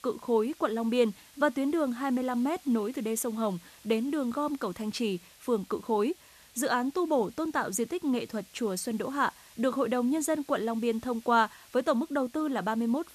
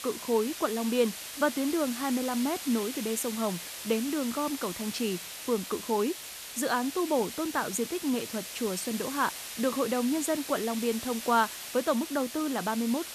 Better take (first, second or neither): first